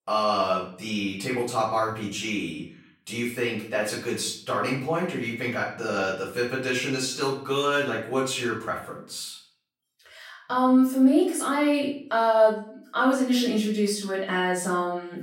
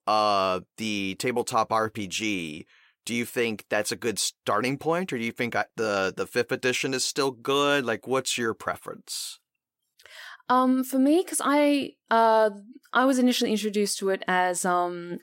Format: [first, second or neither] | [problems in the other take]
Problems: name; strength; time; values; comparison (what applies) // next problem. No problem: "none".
second | off-mic speech; far // room echo; noticeable; dies away in 0.5 s